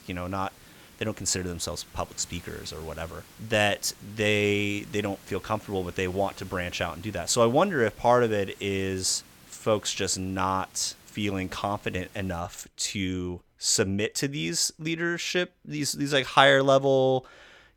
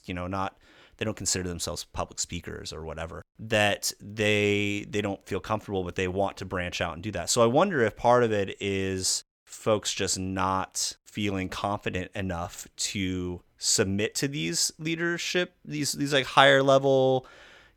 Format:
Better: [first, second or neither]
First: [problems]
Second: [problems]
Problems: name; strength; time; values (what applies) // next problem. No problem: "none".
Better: second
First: hiss; faint; until 12 s; 25 dB below the speech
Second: none